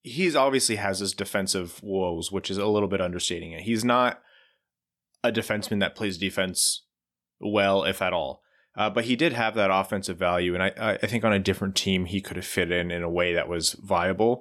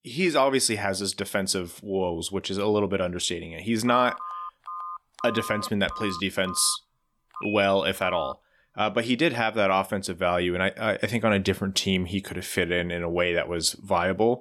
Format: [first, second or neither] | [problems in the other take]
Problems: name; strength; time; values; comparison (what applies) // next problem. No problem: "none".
first | phone ringing; noticeable; from 4 to 8.5 s; peak 9 dB below the speech